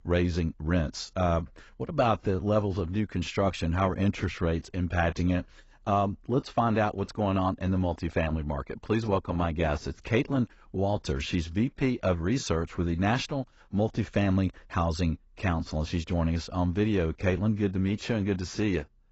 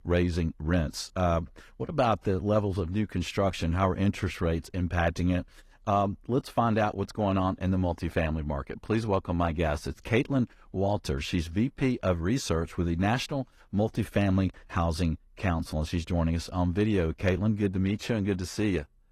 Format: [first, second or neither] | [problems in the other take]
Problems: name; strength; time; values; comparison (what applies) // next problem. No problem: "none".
second | garbled, watery; badly; nothing above 7.5 kHz; slightly in the second